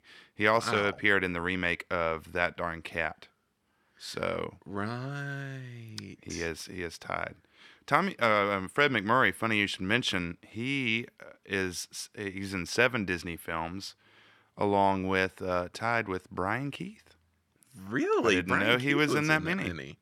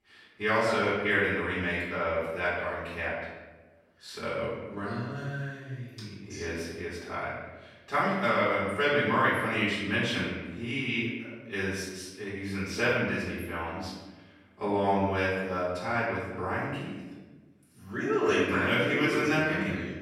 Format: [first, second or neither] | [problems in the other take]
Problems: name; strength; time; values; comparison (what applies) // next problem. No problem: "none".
first | off-mic speech; far // room echo; noticeable; dies away in 1.1 s